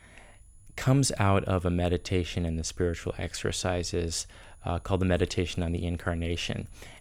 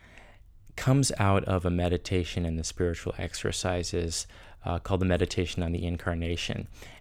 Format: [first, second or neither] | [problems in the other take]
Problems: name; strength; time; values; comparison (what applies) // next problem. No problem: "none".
second | high-pitched whine; faint; throughout; 10 kHz, 30 dB below the speech